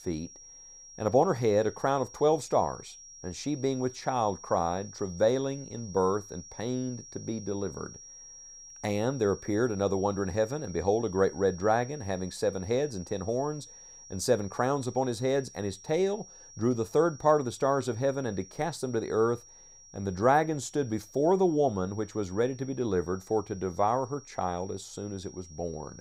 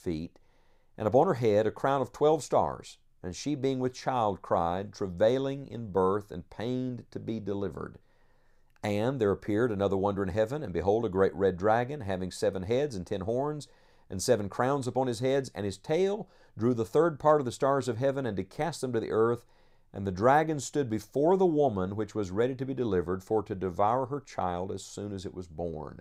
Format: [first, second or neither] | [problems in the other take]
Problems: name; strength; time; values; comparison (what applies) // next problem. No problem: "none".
second | high-pitched whine; noticeable; throughout; 5.5 kHz, 20 dB below the speech